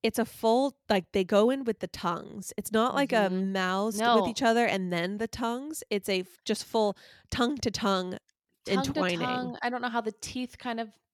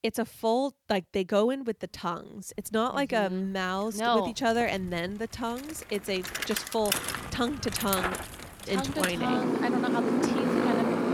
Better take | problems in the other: first | traffic noise; very loud; throughout; as loud as the speech

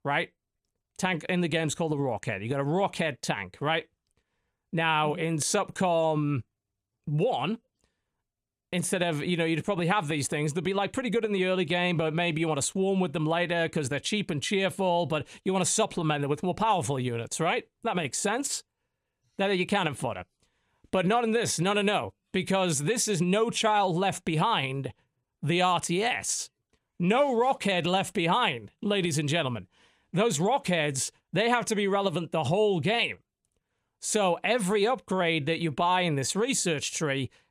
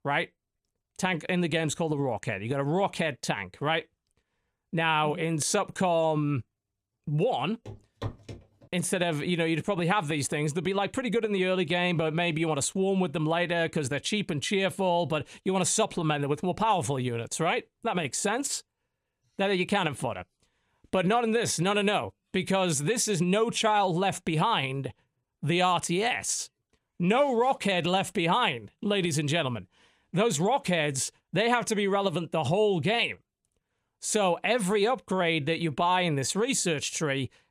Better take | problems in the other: first | footsteps; faint; at 7.5 s; peak 10 dB below the speech

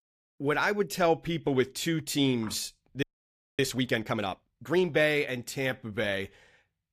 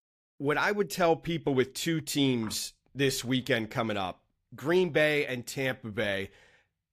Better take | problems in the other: second | audio freezing; at 3 s for 0.5 s

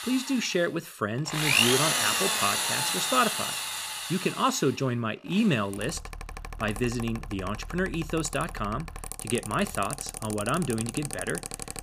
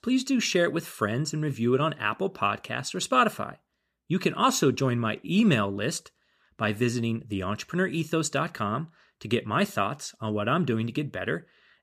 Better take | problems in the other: second | machinery noise; very loud; throughout; 1 dB above the speech

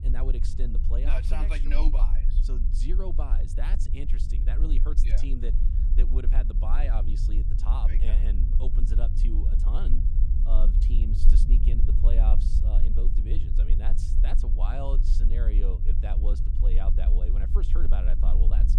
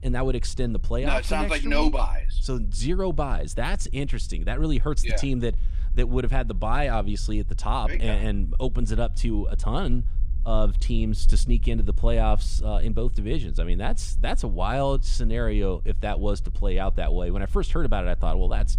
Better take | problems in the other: second | low rumble; loud; throughout; 5 dB below the speech; faint in the second

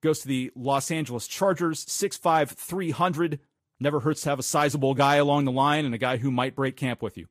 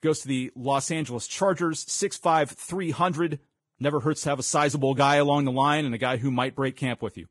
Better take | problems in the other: first | garbled, watery; badly; nothing above 10.5 kHz; slightly in the first

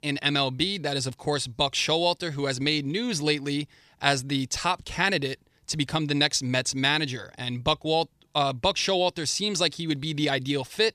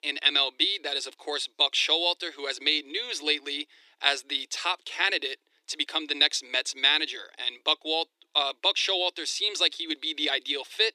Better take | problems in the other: first | thin; somewhat; fading below 300 Hz

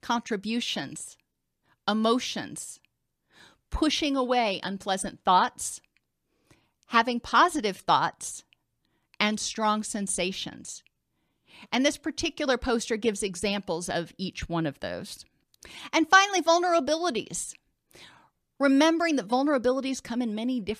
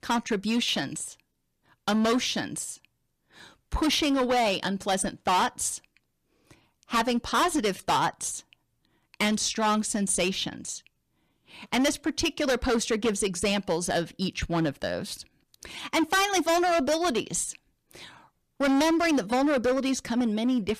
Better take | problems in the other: first | distortion; heavy; 11% of the sound clipped

